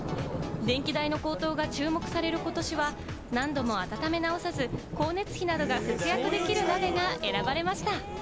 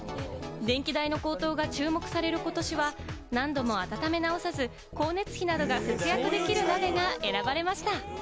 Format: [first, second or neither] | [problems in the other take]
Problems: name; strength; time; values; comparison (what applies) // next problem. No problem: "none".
second | background sound (Thunder / Rain); 10 dB below the speech